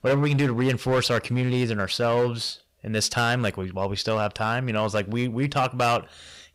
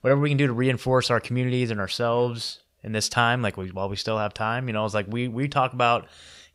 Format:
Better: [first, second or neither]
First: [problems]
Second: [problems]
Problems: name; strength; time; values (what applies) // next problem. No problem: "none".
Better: second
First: distortion; slight; 7% of the sound clipped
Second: none